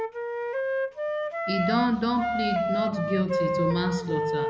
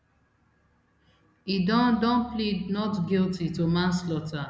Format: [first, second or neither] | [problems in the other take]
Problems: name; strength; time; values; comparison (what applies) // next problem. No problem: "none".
second | background sound (Wind instrument, woodwind instrument); as loud as the speech